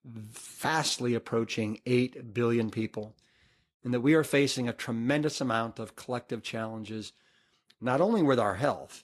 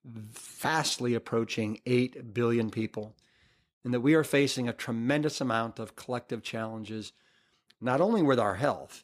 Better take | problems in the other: second | garbled, watery; slightly; nothing above 12.5 kHz

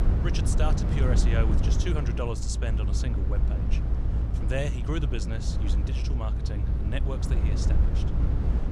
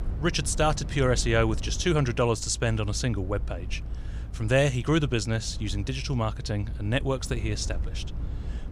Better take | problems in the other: second | low rumble; loud; throughout; 4 dB below the speech; faint in the second

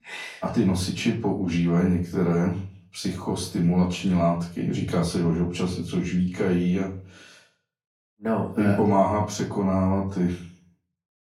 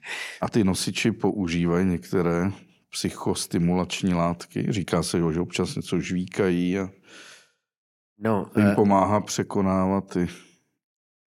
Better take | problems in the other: second | off-mic speech; far // room echo; slight; dies away in 0.4 s

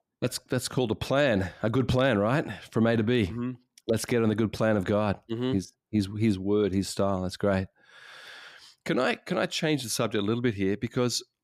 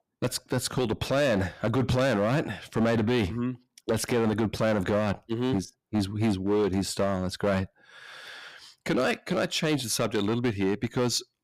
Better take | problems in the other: first | distortion; slight; 9% of the sound clipped

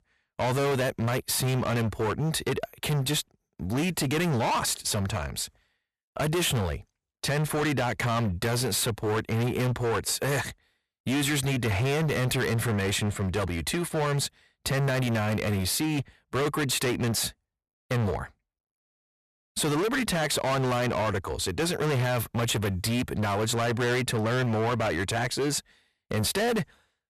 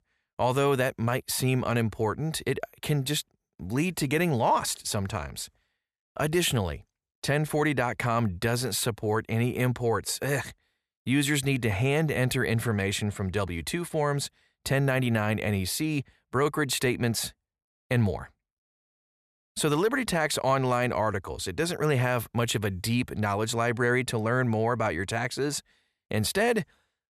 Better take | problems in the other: second | distortion; heavy; 25% of the sound clipped

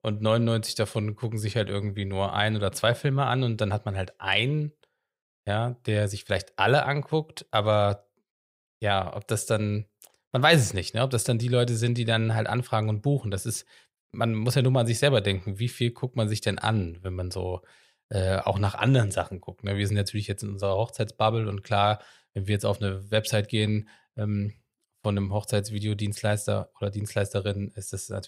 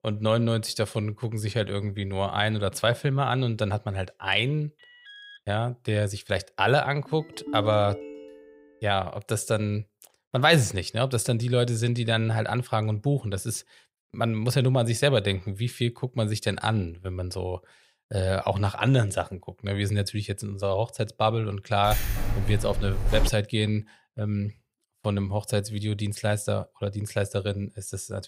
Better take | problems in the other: first | alarm; faint; at 5 s; peak 20 dB below the speech // phone ringing; noticeable; from 7 to 8.5 s; peak 7 dB below the speech // jangling keys; noticeable; from 22 to 23 s; peak 2 dB below the speech

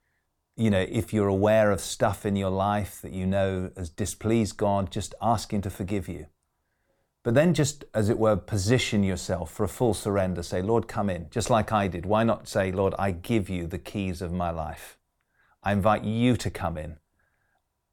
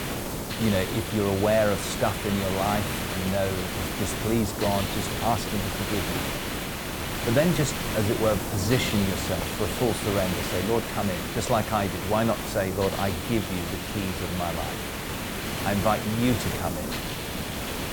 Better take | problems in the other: first | hiss; loud; throughout; 3 dB below the speech

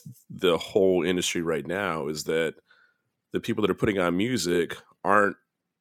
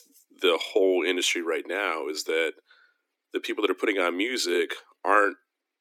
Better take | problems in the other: first | thin; very slightly; fading below 300 Hz

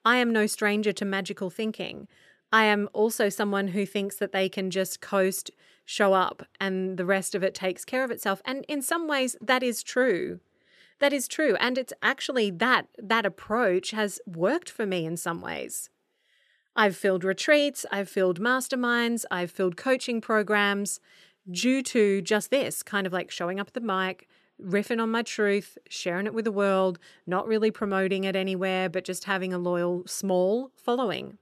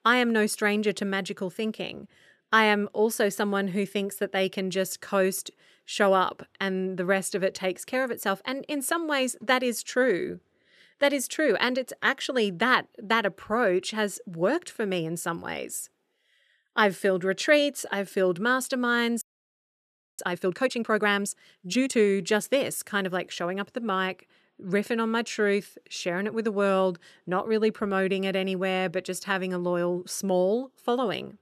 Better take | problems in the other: first | audio freezing; at 19 s for 1 s

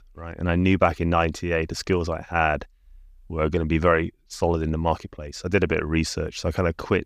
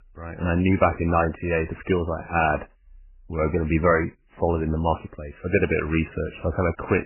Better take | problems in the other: first | garbled, watery; badly; nothing above 3 kHz

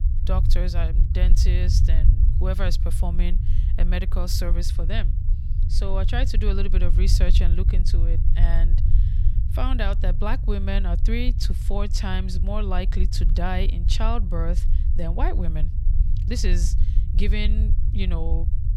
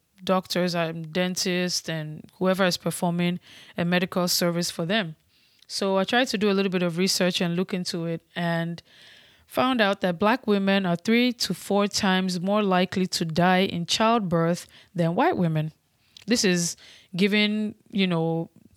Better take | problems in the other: second | low rumble; loud; throughout; 10 dB below the speech

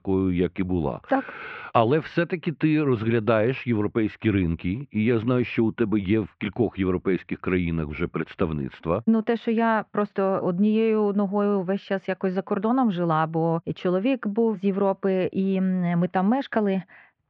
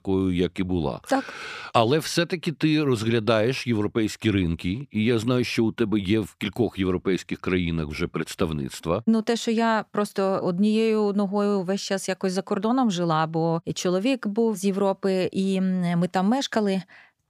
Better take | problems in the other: second | muffled; very; fading above 2.5 kHz

